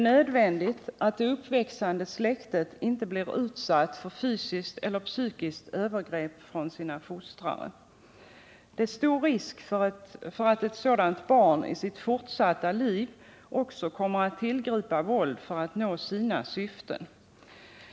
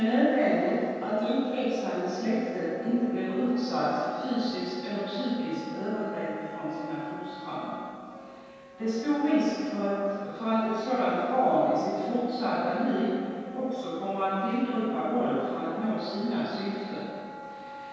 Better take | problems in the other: first | background sound (Wind instrument, woodwind instrument); 16 dB below the speech // room echo; dies away in 2.1 s

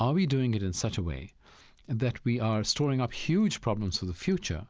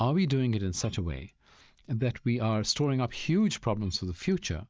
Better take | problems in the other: first | noise reduction (neural mask model DeepFilterNet 3)

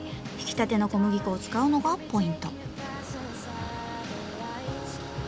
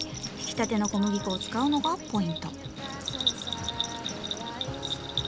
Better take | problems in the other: first | background sound (Bell); 5 dB below the speech

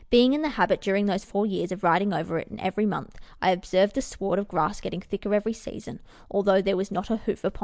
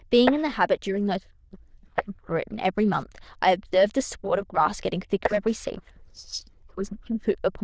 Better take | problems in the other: first | noise reduction (neural diffusion model UNIVERSE++)

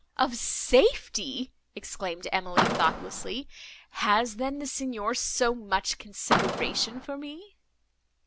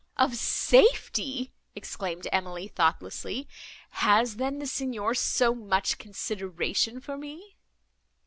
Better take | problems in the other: second | background sound (Car); 2 dB below the speech

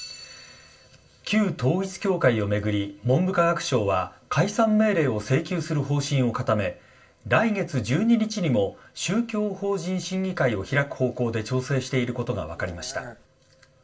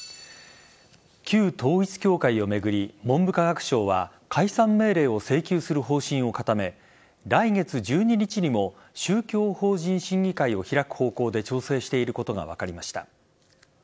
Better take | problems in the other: second | background sound (Burping, eructation); 18 dB below the speech // room echo; dies away in 0.2 s

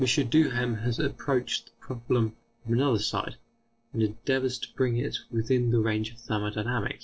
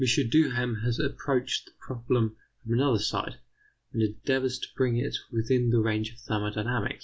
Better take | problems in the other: second | noise reduction (neural separator model SepFormer DNS4)

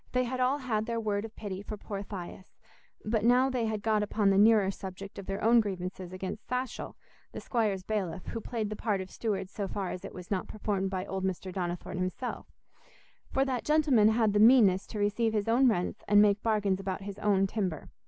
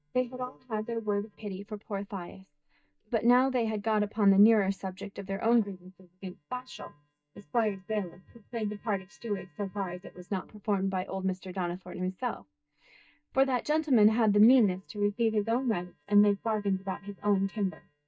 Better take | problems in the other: first | noise reduction (neural mask model DeepFilterNet 3)

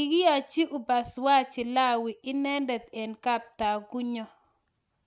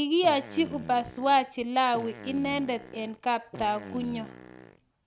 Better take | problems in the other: first | background sound (Fart); 15 dB below the speech

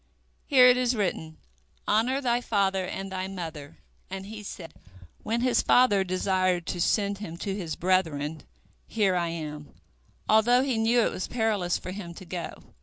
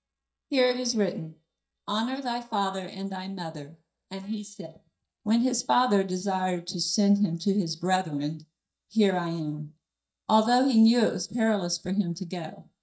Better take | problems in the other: first | noise reduction (neural mask model DeepFilterNet 3)

